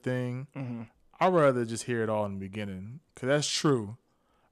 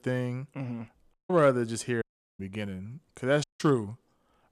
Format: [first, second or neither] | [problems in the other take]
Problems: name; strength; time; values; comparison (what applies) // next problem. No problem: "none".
first | audio cutting out; at 1 s, at 2 s and at 3.5 s